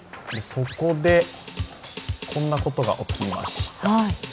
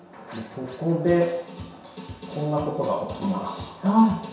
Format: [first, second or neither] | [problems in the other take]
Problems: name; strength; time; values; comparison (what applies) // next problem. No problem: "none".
first | room echo; dies away in 0.7 s